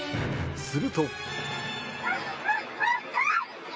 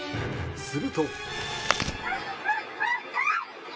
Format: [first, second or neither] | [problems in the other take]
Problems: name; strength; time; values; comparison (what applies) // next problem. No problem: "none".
first | background sound (Chewing, mastication); 3 dB below the speech // room echo; dies away in 0.3 s